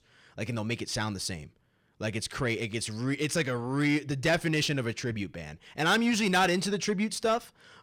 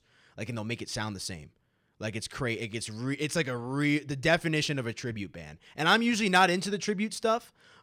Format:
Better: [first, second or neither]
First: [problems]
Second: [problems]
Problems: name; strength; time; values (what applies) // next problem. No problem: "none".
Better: second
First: distortion; slight; 10 dB below the speech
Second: none